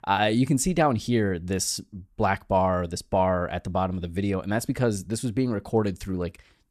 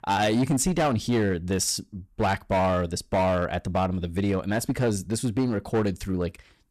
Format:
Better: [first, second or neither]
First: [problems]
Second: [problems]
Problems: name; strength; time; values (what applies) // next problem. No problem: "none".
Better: first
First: none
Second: distortion; slight; 10% of the sound clipped